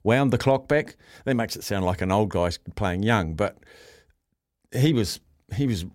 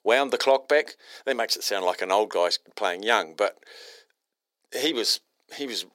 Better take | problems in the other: first | thin; very; fading below 400 Hz

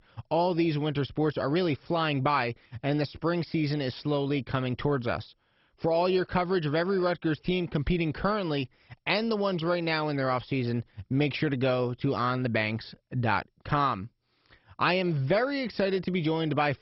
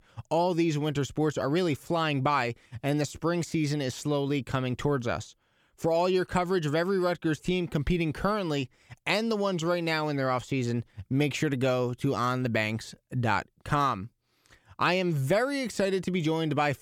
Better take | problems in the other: second | garbled, watery; badly; nothing above 5.5 kHz

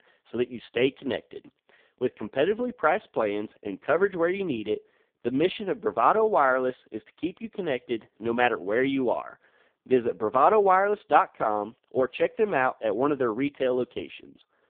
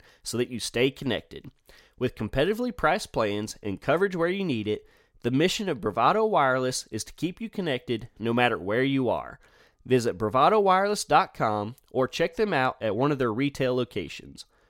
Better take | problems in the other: second | phone-call audio; poor line

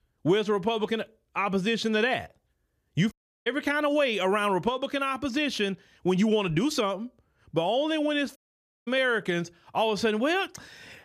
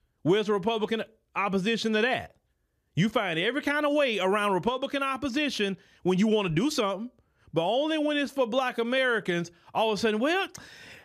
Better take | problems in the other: second | audio cutting out; at 3 s and at 8.5 s for 0.5 s

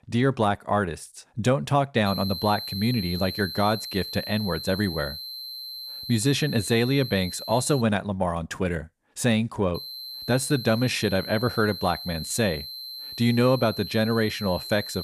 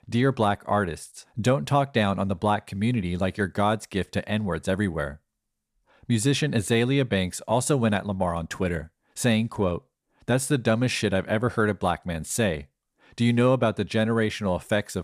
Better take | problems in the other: second | high-pitched whine; loud; from 2 to 8 s and from 10 s on; 4 kHz, 9 dB below the speech

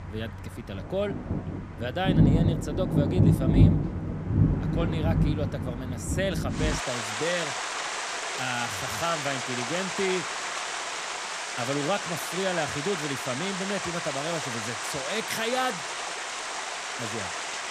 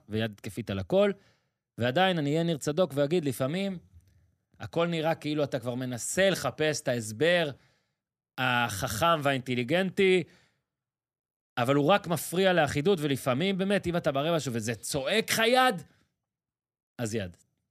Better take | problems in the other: second | rain or running water; very loud; throughout; 4 dB above the speech

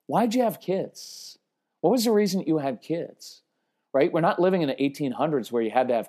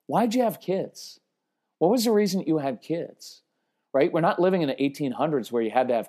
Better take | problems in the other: second | audio freezing; at 1 s

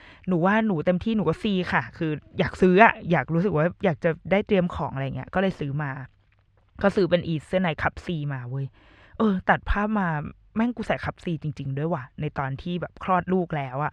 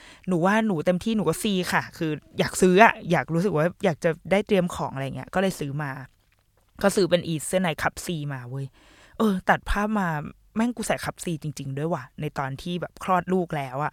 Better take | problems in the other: second | muffled; slightly; fading above 2.5 kHz

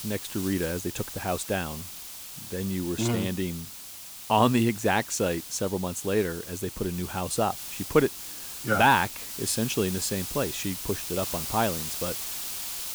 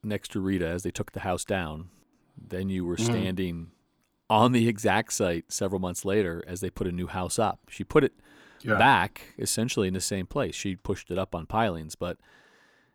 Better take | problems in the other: second | hiss; loud; throughout; 7 dB below the speech

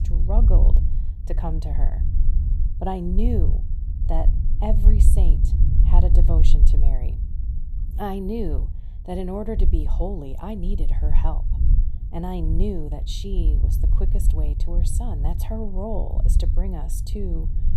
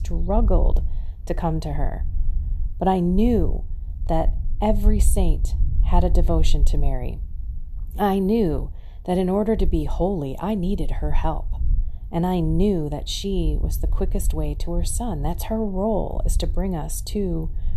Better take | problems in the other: second | low rumble; loud; throughout; 8 dB below the speech; faint in the second

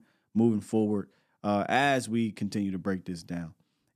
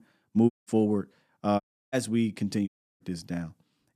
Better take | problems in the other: first | audio cutting out; at 0.5 s, at 1.5 s and at 2.5 s

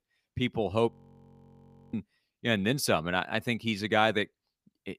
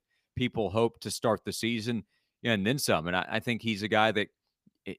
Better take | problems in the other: second | audio freezing; at 1 s for 1 s

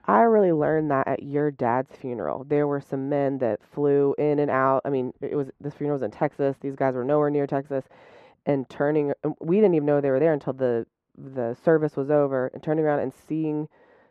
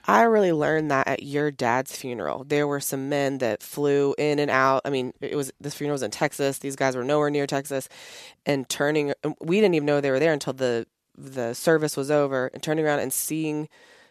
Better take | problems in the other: second | muffled; very; fading above 3 kHz

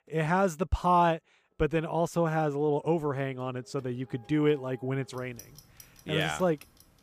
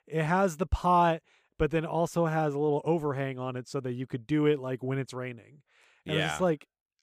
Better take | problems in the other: second | household noises; faint; throughout; 25 dB below the speech

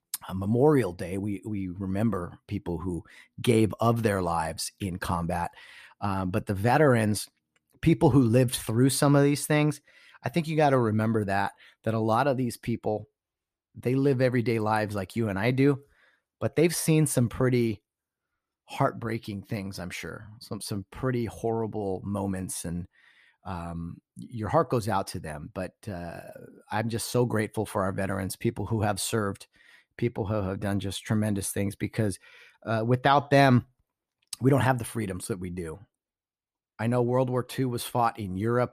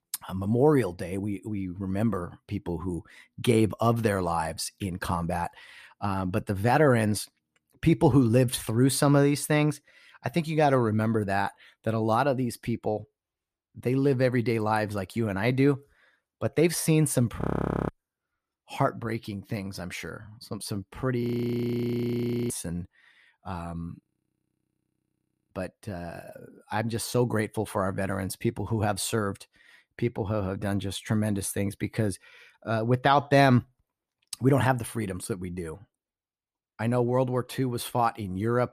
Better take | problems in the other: first | audio freezing; at 17 s, at 21 s for 1.5 s and at 24 s for 1.5 s

